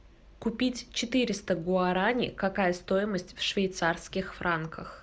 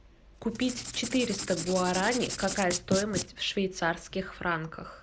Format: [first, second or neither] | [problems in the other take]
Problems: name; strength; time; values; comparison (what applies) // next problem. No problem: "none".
first | background sound (Writing); 6 dB below the speech